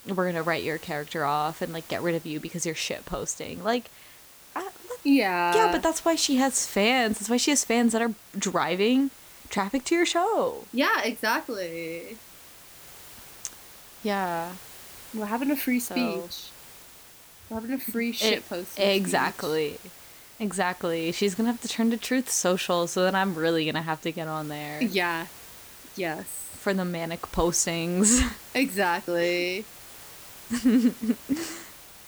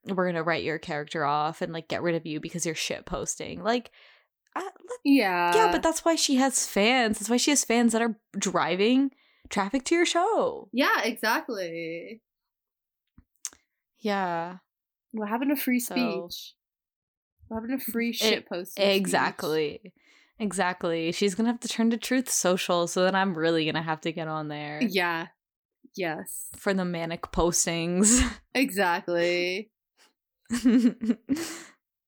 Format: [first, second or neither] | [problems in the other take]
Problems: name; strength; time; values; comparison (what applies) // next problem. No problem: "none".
second | hiss; noticeable; throughout; 20 dB below the speech